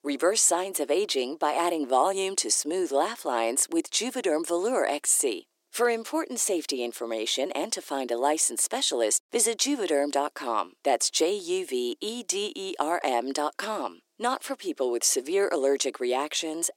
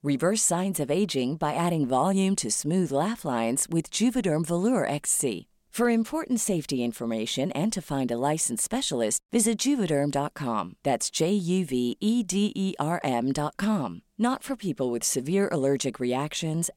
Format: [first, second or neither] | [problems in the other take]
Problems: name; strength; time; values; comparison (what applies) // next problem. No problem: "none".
second | thin; somewhat; fading below 300 Hz